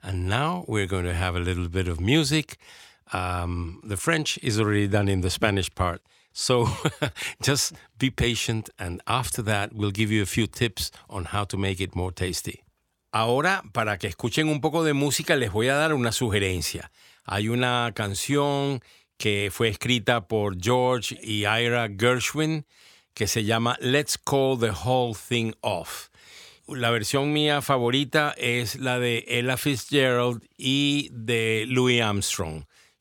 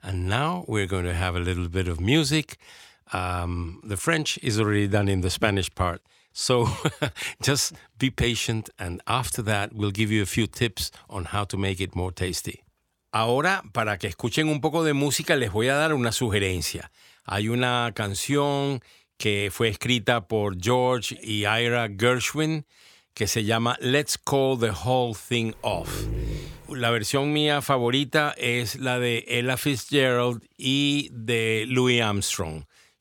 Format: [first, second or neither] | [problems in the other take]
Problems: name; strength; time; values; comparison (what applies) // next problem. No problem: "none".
first | dog barking; noticeable; from 26 to 27 s; peak 6 dB below the speech